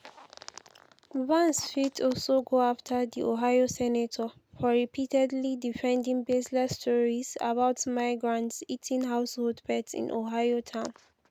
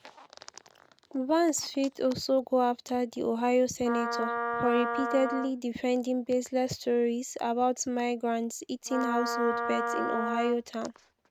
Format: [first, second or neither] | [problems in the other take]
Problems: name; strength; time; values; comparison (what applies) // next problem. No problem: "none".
first | noise reduction (neural mask model RNNoise)